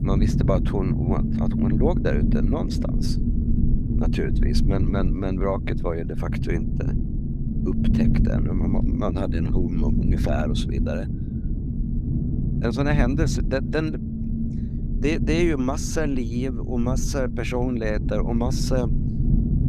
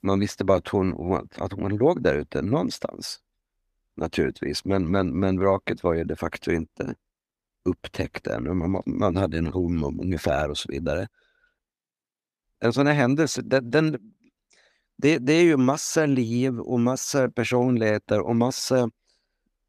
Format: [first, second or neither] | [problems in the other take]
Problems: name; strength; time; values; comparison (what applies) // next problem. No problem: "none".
second | low rumble; loud; throughout; 5 dB below the speech